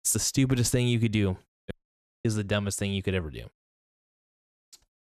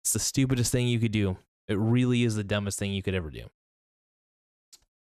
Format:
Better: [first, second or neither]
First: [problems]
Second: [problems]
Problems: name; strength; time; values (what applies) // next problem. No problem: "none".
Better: second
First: audio cutting out; at 1.5 s for 0.5 s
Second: none